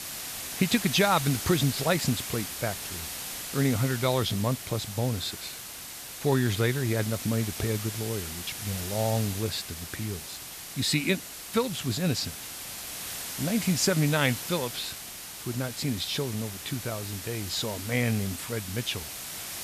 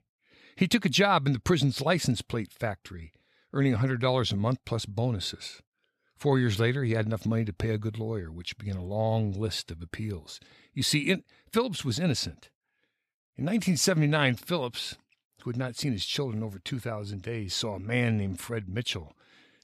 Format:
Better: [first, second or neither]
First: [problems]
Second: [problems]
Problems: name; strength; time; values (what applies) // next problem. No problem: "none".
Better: second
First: hiss; loud; throughout; 7 dB below the speech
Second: none